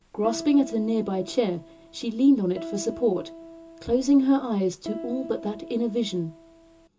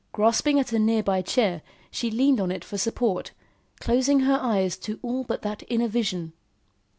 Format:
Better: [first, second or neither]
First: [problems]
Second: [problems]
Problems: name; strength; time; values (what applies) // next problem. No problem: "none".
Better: second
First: background sound (Piano); 15 dB below the speech // room echo; dies away in 0.2 s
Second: none